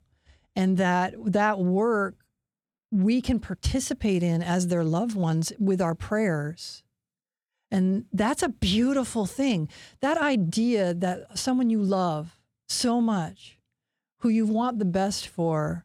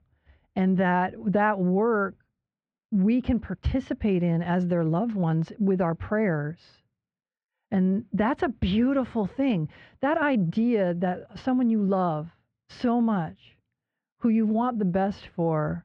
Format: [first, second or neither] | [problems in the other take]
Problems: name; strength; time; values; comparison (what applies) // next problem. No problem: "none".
first | muffled; very; fading above 2.5 kHz